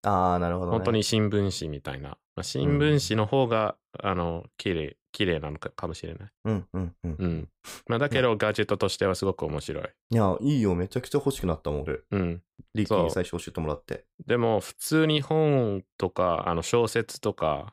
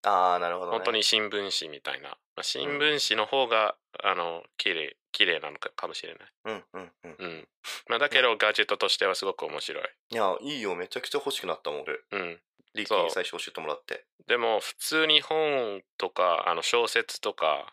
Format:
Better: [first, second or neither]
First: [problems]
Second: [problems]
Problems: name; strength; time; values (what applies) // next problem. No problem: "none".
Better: first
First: none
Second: thin; very; fading below 550 Hz